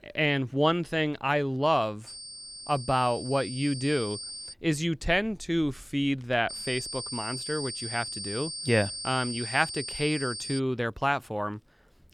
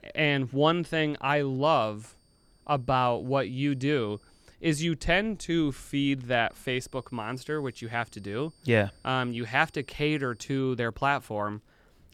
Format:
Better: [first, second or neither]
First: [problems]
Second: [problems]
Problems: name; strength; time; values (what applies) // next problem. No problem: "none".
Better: second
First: high-pitched whine; loud; from 2 to 4.5 s and from 6.5 to 11 s; 4.5 kHz, 7 dB below the speech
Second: high-pitched whine; faint; from 2 to 4.5 s and from 6.5 to 11 s; 4.5 kHz, 35 dB below the speech